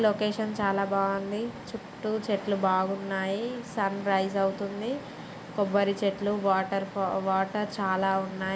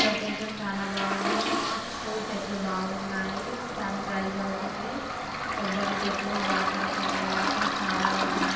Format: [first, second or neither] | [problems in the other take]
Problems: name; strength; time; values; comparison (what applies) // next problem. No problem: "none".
first | background sound (Toilet flush); 3 dB above the speech // room echo; dies away in 0.9 s